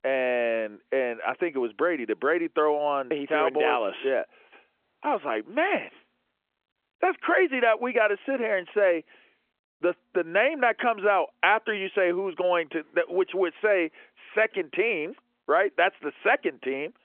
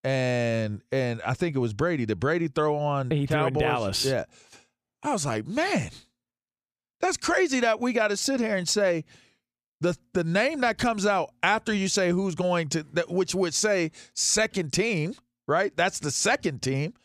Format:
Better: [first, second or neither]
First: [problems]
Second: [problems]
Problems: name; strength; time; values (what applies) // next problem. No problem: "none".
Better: second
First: phone-call audio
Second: none